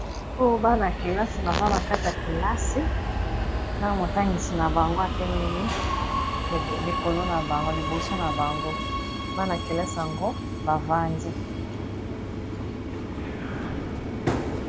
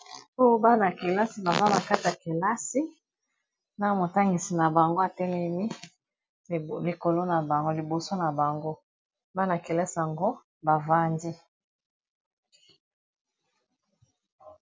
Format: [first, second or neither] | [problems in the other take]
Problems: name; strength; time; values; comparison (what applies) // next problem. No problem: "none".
second | background sound (Subway, metro, underground); as loud as the speech